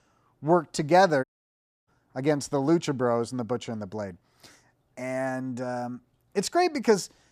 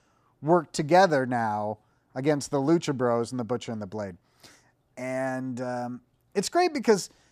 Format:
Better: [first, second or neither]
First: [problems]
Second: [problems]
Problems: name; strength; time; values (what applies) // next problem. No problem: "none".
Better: second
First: audio cutting out; at 1 s for 0.5 s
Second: none